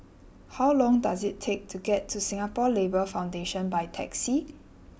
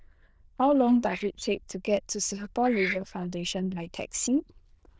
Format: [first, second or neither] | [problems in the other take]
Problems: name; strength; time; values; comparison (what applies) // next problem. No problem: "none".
first | noise reduction (neural diffusion model UNIVERSE++)